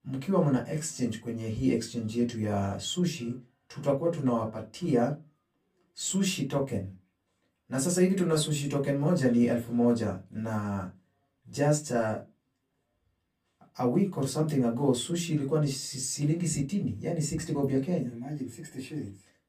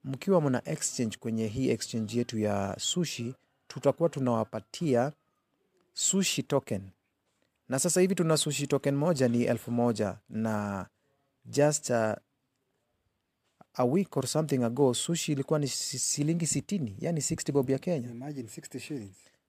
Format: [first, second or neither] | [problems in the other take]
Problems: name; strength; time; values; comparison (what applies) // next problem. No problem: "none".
second | off-mic speech; far // room echo; very slight; dies away in 0.2 s